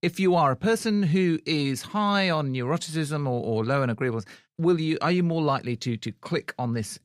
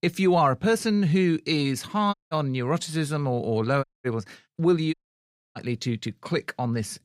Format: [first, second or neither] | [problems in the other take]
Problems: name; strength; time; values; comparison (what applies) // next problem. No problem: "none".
first | audio cutting out; at 2 s, at 4 s and at 5 s for 0.5 s